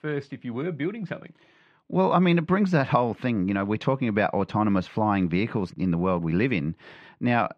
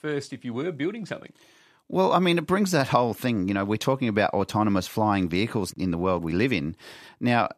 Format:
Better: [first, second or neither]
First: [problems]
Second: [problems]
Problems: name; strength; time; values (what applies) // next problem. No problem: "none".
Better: second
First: muffled; slightly; fading above 2.5 kHz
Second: none